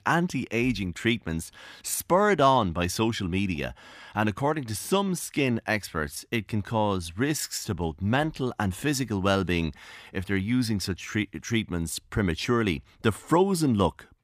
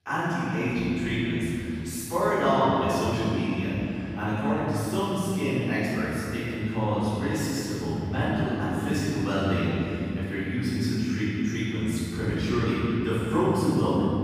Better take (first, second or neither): first